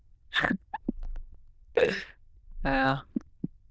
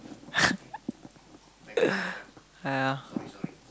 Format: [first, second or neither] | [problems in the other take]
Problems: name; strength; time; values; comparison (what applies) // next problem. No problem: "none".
second | noise reduction (neural diffusion model UNIVERSE++)